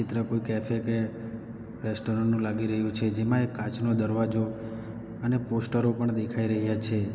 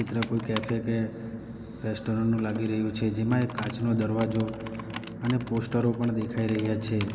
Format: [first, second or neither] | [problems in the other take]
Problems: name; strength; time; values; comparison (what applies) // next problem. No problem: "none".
first | background sound (Computer keyboard); 16 dB below the speech